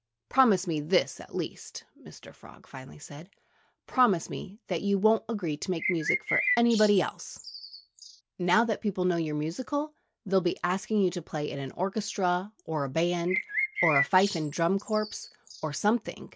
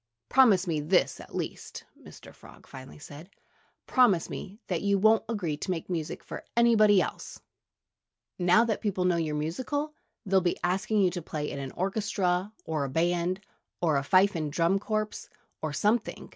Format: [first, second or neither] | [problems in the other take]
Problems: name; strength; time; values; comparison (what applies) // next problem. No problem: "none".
second | background sound (Bird); 5 dB below the speech